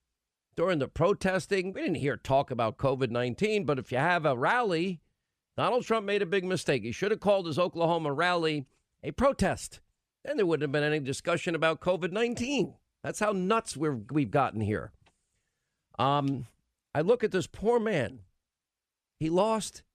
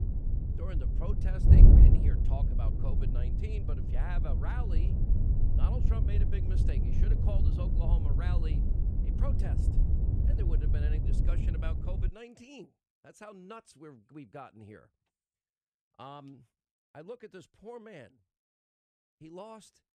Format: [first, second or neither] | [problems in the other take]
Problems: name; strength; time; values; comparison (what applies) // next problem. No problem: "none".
first | wind noise on the microphone; heavy; until 12 s; 3 dB above the speech